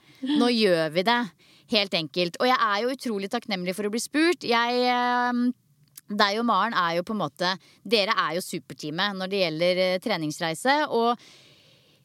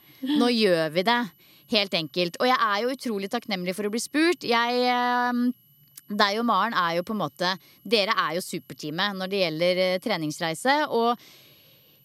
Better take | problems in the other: first | high-pitched whine; faint; throughout; 12 kHz, 30 dB below the speech

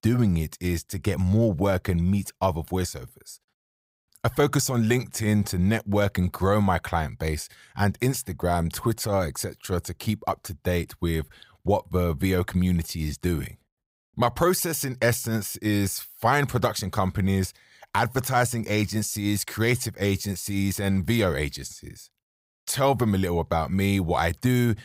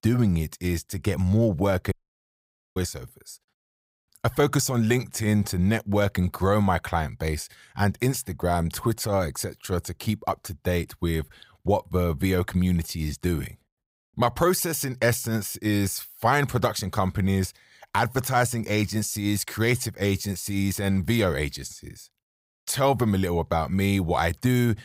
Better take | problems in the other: first | audio cutting out; at 2 s for 1 s

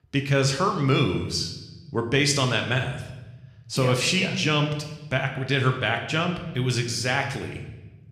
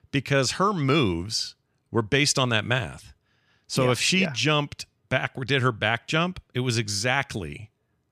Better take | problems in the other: second | room echo; slight; dies away in 0.9 s

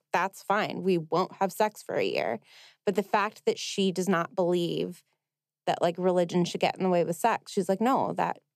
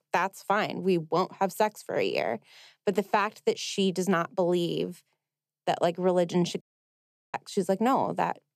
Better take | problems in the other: first | audio cutting out; at 6.5 s for 0.5 s

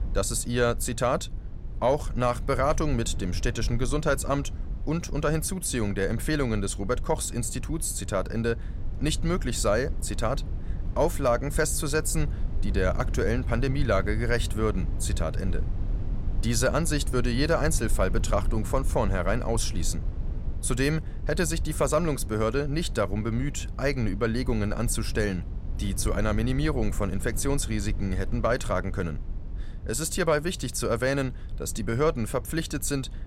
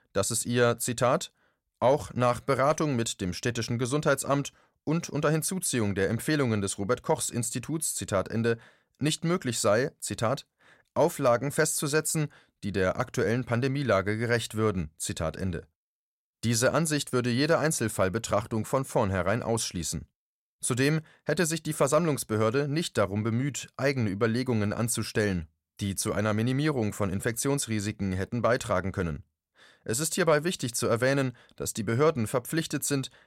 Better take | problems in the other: second | low rumble; noticeable; throughout; 20 dB below the speech

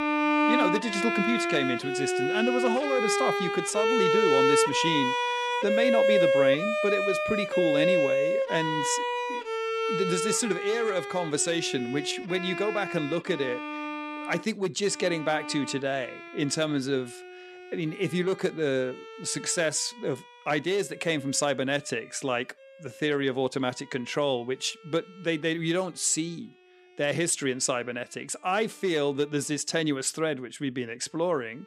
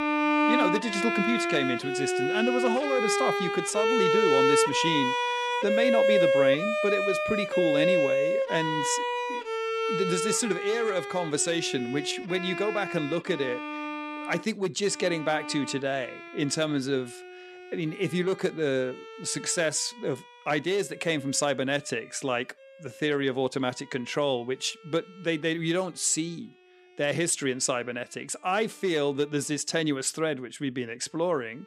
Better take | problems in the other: neither | background music; very loud; throughout; 2 dB above the speech; the same in both

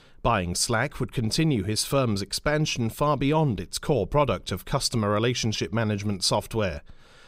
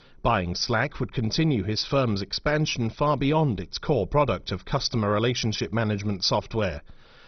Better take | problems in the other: first | garbled, watery; badly; nothing above 6 kHz

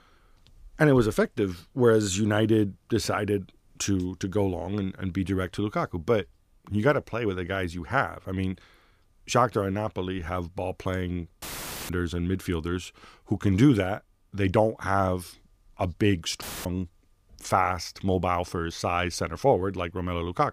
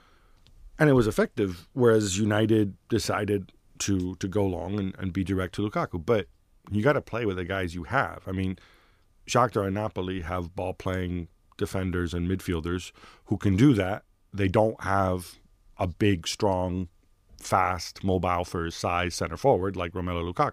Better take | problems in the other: second | audio cutting out; filled with static; at 11 s and at 16 s

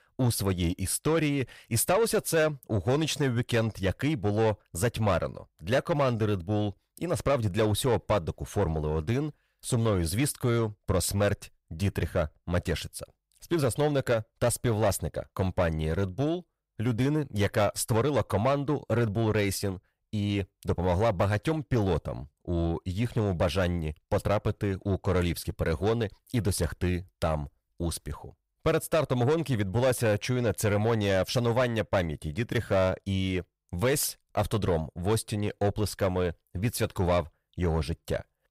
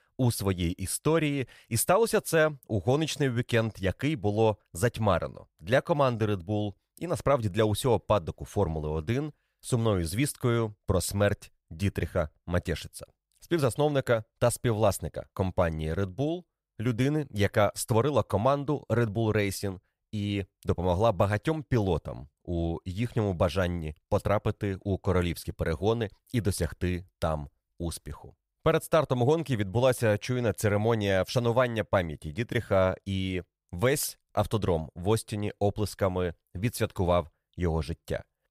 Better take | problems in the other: second | distortion; slight; 10 dB below the speech

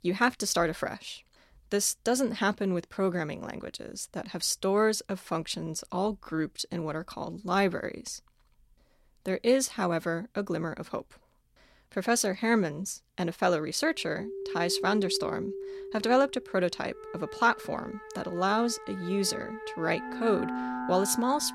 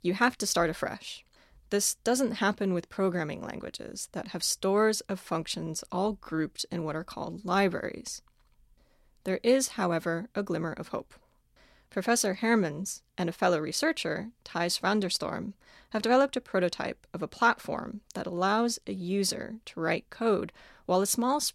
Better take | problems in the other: second | background music; loud; from 14 s on; 9 dB below the speech

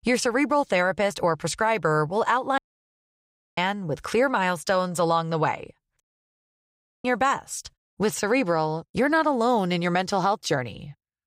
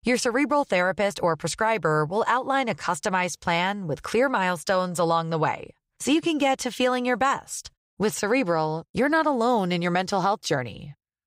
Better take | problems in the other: second | audio cutting out; at 2.5 s for 1 s and at 6 s for 1 s

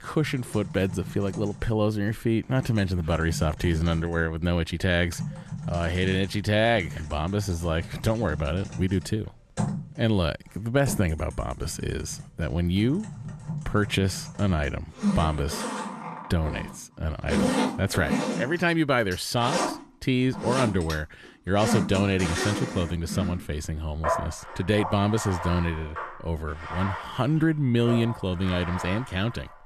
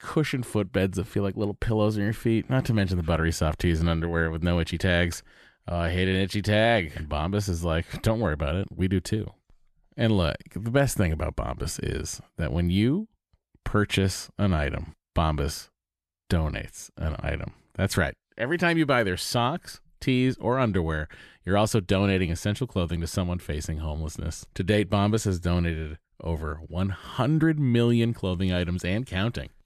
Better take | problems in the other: second | household noises; loud; throughout; 6 dB below the speech

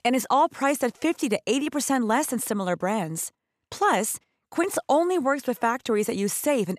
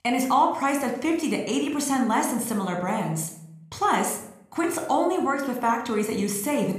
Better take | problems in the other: first | room echo; slight; dies away in 0.6 s

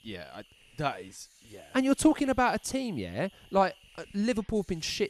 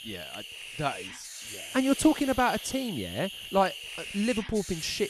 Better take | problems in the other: first | hiss; loud; throughout; 10 dB below the speech; faint in the first

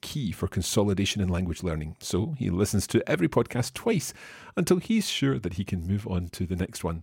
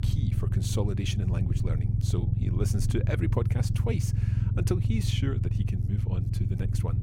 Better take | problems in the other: first | low rumble; loud; throughout; 3 dB below the speech

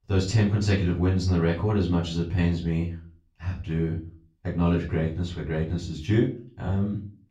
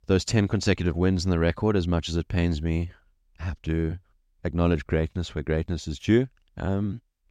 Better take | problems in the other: second | off-mic speech; far // room echo; slight; dies away in 0.3 s

